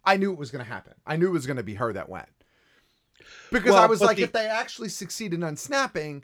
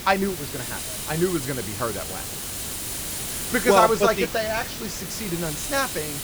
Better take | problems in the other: first | hiss; loud; throughout; 5 dB below the speech

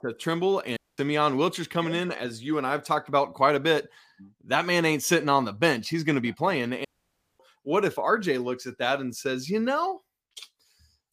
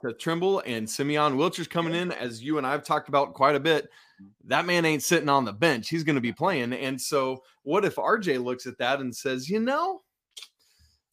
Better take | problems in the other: second | audio cutting out; at 1 s and at 7 s for 0.5 s

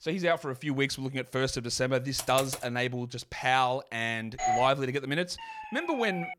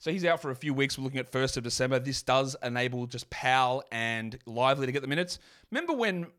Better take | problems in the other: second | keyboard typing; noticeable; at 2 s; peak 6 dB below the speech // doorbell; loud; at 4.5 s; peak 1 dB above the speech // siren; noticeable; at 5.5 s; peak 8 dB below the speech

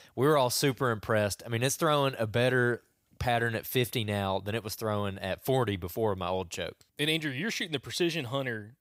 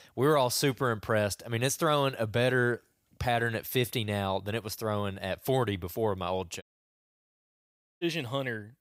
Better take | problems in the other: first | audio cutting out; at 6.5 s for 1.5 s

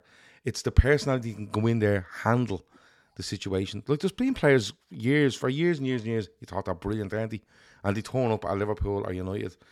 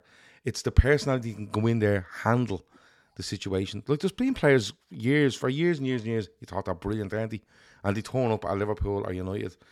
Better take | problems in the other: neither | none

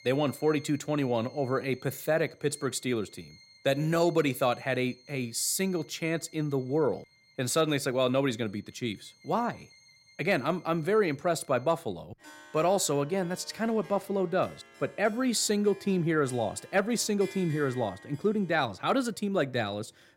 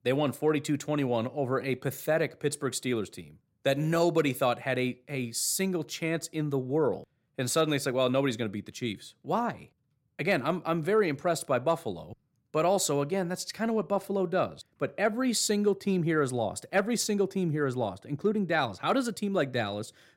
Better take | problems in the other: second | background music; faint; throughout; 25 dB below the speech

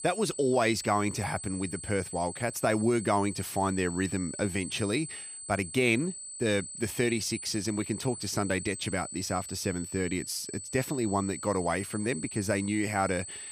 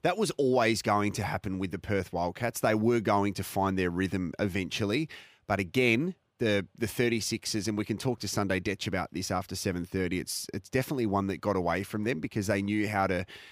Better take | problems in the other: second | high-pitched whine; loud; throughout; 8 kHz, 9 dB below the speech

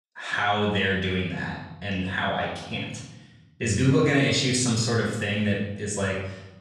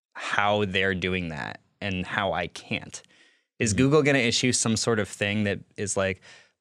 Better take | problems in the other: second | room echo; noticeable; dies away in 0.9 s // off-mic speech; far

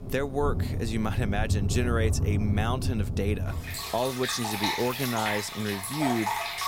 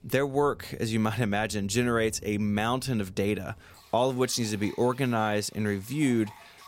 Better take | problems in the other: second | rain or running water; loud; throughout; as loud as the speech; faint in the second

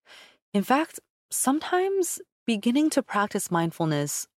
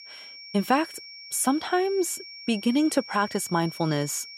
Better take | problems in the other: first | high-pitched whine; noticeable; throughout; 5.5 kHz, 15 dB below the speech

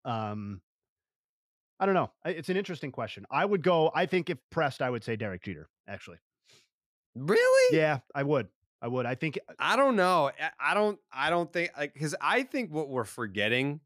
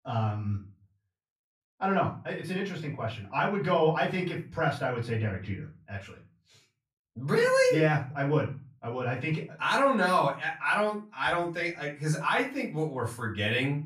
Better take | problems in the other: first | off-mic speech; far // room echo; slight; dies away in 0.3 s

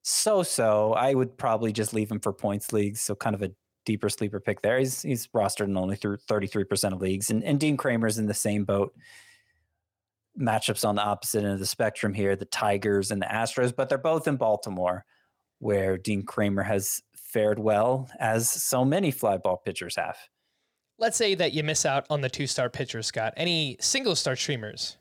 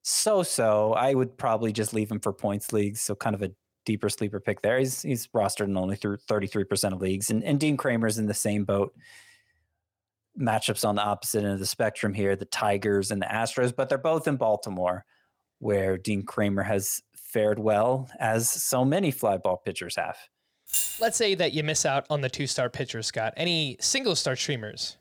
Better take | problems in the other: first | jangling keys; loud; at 21 s; peak 1 dB above the speech

